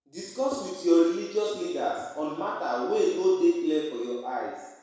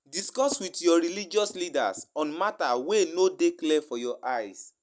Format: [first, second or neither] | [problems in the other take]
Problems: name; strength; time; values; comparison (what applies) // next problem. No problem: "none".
second | room echo; dies away in 1.1 s